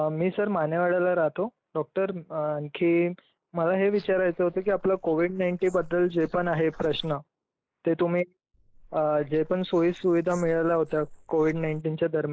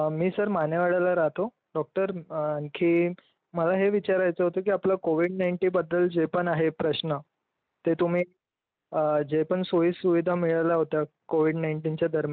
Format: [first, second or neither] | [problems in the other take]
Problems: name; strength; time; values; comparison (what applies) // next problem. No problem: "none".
second | noise reduction (neural mask model Resemble Enhance denoiser)